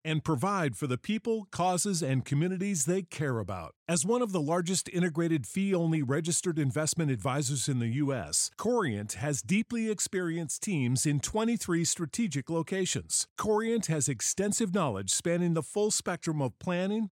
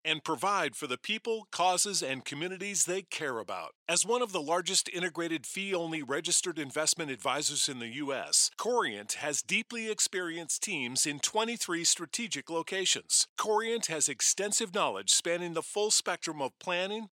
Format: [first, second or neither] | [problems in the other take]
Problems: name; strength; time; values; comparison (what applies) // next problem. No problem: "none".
first | thin; somewhat; fading below 400 Hz